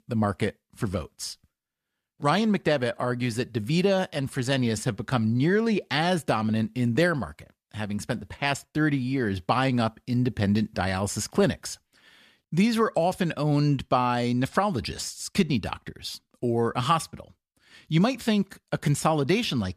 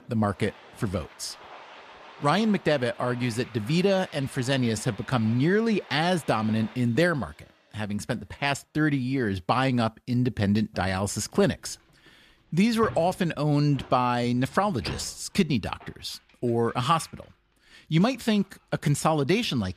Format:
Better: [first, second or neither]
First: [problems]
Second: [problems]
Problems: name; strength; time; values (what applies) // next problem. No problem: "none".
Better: first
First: none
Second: household noises; faint; throughout; 20 dB below the speech